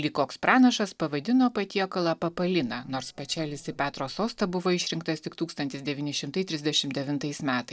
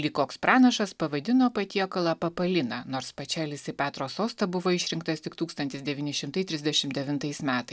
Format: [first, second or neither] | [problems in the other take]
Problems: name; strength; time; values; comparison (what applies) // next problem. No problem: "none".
second | noise reduction (neural separator model SepFormer DNS4)